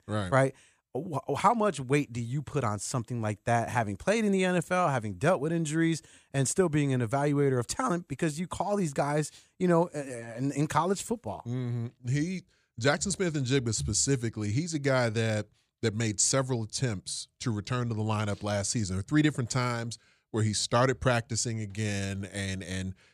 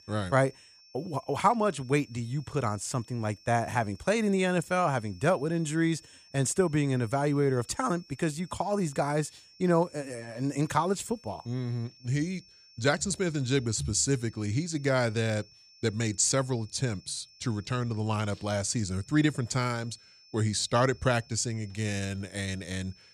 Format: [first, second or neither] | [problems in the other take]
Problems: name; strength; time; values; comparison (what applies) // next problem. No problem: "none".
first | high-pitched whine; faint; throughout; 5.5 kHz, 25 dB below the speech